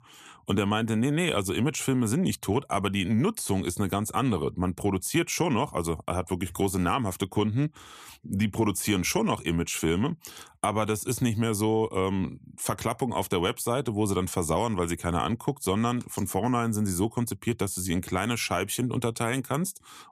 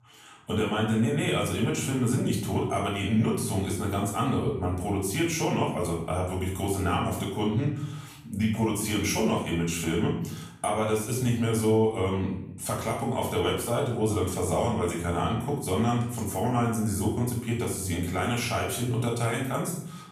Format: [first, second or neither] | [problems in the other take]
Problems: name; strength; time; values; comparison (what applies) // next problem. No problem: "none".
first | off-mic speech; far // room echo; noticeable; dies away in 0.7 s